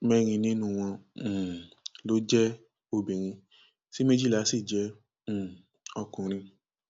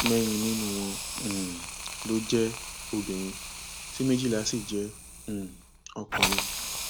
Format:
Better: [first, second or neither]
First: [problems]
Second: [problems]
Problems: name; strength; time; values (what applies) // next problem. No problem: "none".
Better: first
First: none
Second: background sound (Hiss); 4 dB below the speech